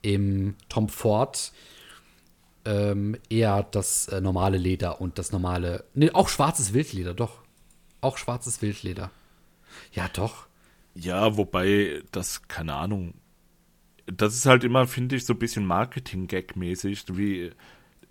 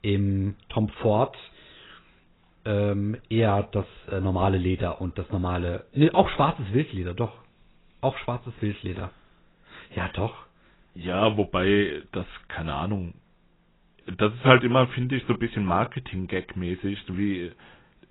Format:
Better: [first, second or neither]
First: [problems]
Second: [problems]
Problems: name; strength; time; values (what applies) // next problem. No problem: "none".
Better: first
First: none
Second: garbled, watery; badly; nothing above 4 kHz